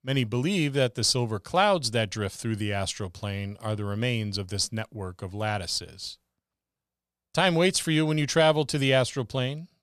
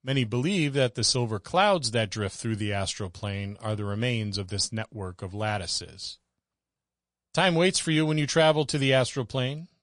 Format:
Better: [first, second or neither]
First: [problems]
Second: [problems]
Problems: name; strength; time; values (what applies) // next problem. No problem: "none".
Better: first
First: none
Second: garbled, watery; slightly; nothing above 10 kHz